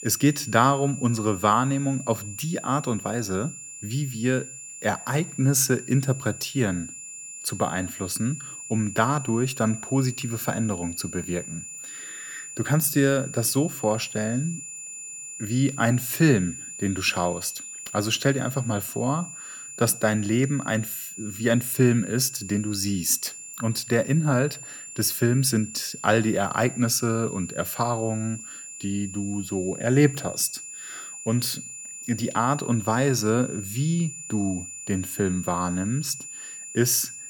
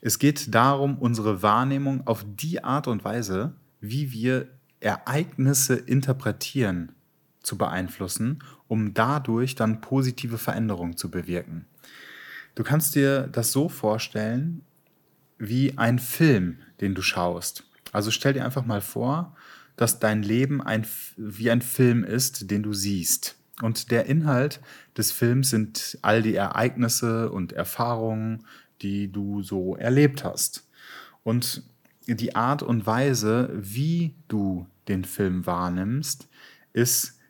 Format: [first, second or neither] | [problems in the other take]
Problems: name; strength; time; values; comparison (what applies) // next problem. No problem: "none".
second | high-pitched whine; noticeable; throughout; 7 kHz, 10 dB below the speech